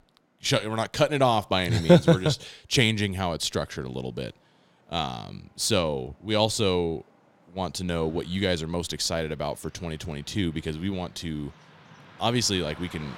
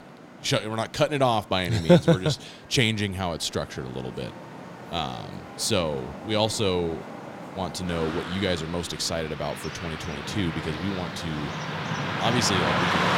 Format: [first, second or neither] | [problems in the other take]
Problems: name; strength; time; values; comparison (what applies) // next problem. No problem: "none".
first | traffic noise; loud; throughout; 6 dB below the speech; faint in the first